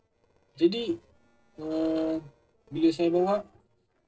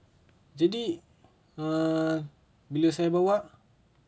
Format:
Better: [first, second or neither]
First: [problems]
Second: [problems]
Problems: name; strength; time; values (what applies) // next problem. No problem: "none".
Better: second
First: noise reduction (neural separator model SepFormer DNS4)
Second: none